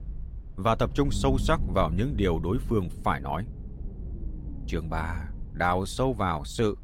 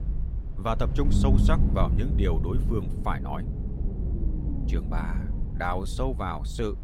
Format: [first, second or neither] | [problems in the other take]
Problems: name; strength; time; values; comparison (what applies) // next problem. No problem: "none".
first | low rumble; loud; throughout; 8 dB below the speech; faint in the first